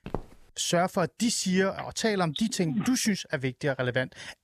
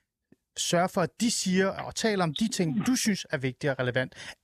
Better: second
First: footsteps; faint; at the start; peak 10 dB below the speech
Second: none

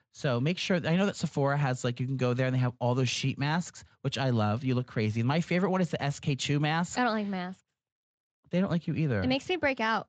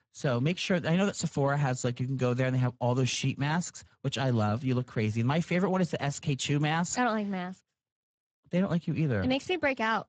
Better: first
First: garbled, watery; slightly; nothing above 7.5 kHz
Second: garbled, watery; badly; nothing above 7.5 kHz

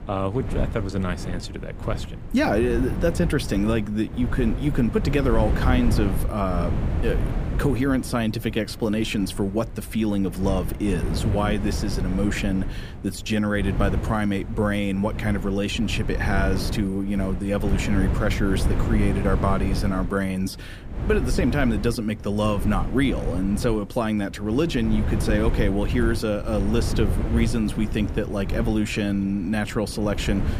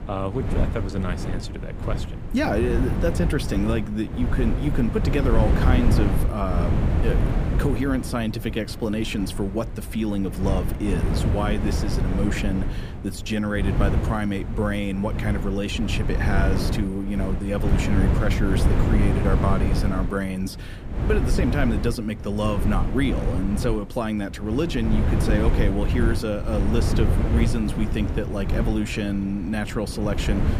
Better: first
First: wind noise on the microphone; occasional gusts; 10 dB below the speech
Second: wind noise on the microphone; heavy; 5 dB below the speech

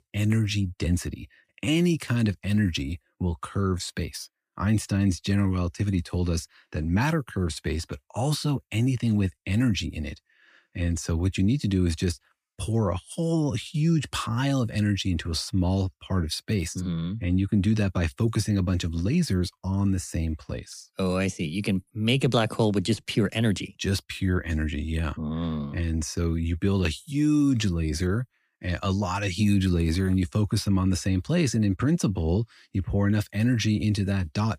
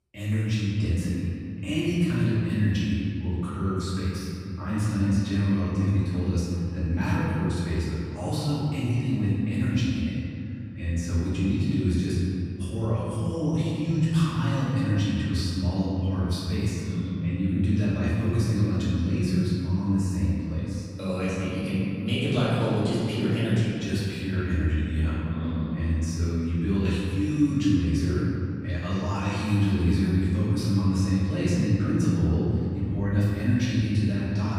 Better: first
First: none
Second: off-mic speech; far // room echo; strong; dies away in 2.8 s

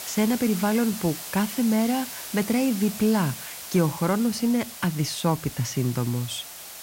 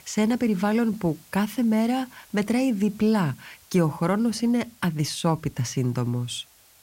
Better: second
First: hiss; loud; throughout; 10 dB below the speech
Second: hiss; faint; throughout; 25 dB below the speech

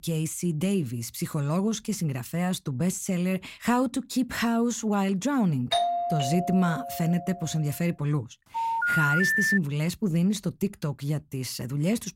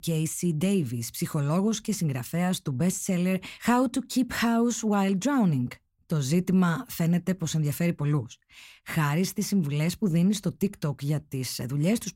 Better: second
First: doorbell; loud; from 5.5 to 7.5 s; peak 2 dB above the speech // phone ringing; loud; from 8.5 to 9.5 s; peak 5 dB above the speech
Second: none

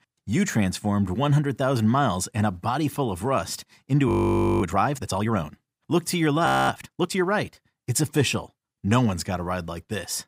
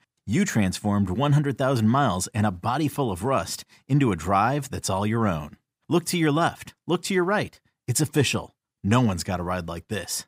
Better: second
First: audio freezing; at 4 s for 0.5 s and at 6.5 s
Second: none

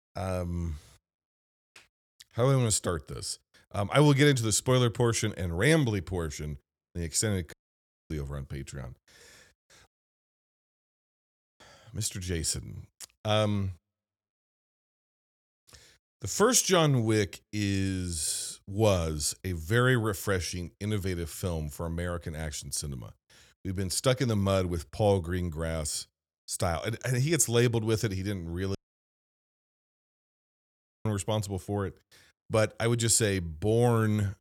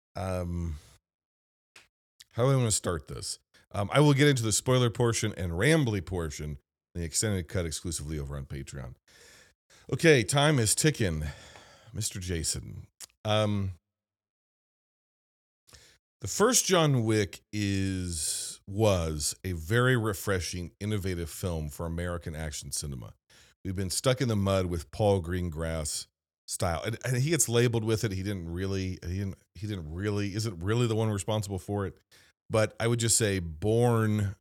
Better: second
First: audio cutting out; at 7.5 s for 0.5 s, at 10 s for 1.5 s and at 29 s for 2.5 s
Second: none

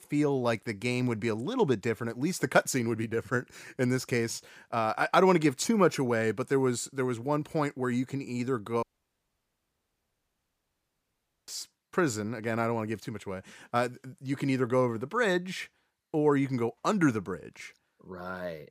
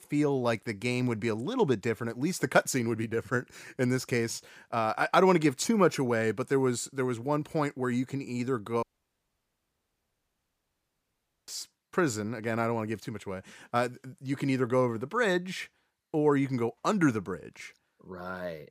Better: neither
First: audio cutting out; at 9 s for 2.5 s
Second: audio cutting out; at 9 s for 2.5 s

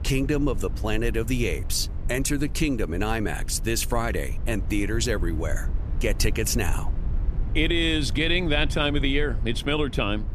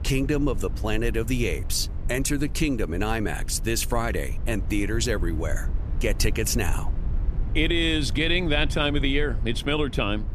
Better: neither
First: low rumble; noticeable; throughout; 20 dB below the speech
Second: low rumble; noticeable; throughout; 20 dB below the speech

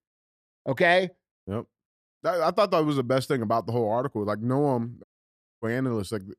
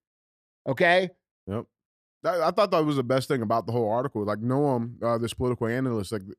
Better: second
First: audio cutting out; at 5 s for 0.5 s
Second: none

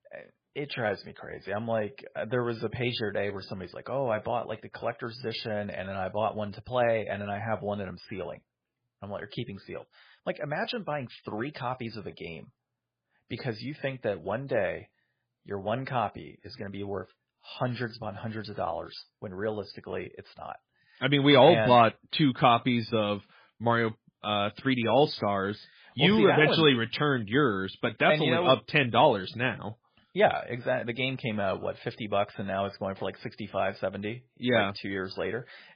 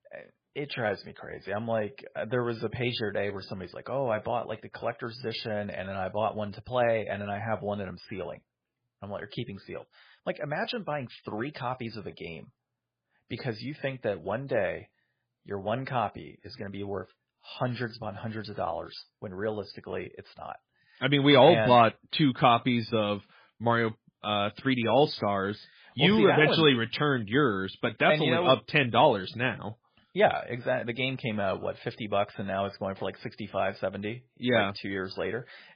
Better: neither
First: garbled, watery; badly; nothing above 5 kHz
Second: garbled, watery; badly; nothing above 5 kHz

